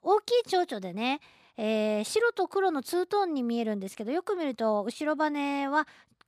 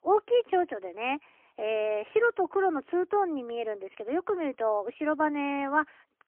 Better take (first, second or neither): first